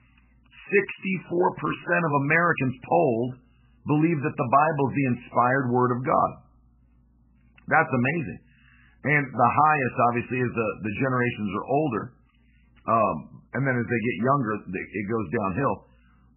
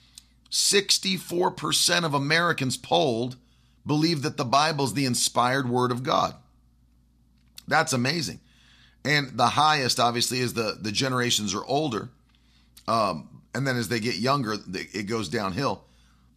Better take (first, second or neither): second